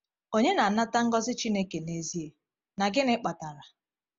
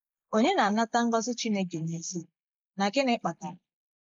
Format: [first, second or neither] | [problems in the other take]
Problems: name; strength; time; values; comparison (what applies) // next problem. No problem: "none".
first | noise reduction (neural mask model Resemble Enhance denoiser)